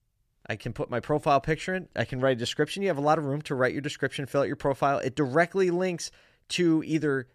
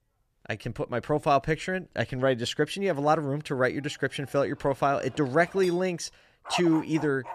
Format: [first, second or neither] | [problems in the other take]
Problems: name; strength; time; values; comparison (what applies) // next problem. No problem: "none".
first | animal sounds; noticeable; throughout; 15 dB below the speech